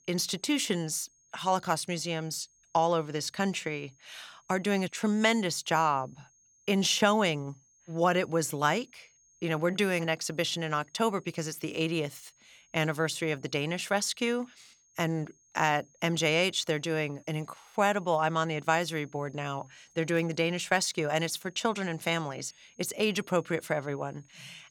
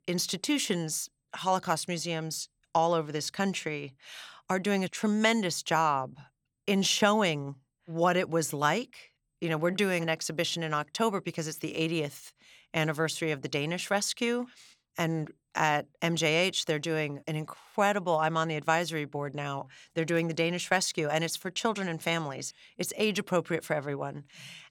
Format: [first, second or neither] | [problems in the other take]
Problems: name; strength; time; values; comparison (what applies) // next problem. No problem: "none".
second | high-pitched whine; faint; throughout; 6.5 kHz, 30 dB below the speech